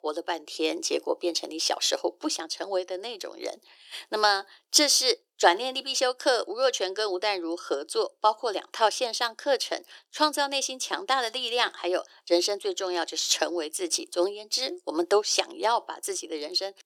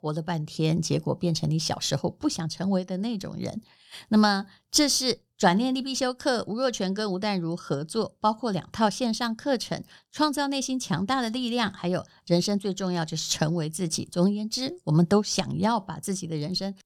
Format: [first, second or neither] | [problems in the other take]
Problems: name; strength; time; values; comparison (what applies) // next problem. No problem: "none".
second | thin; very; fading below 350 Hz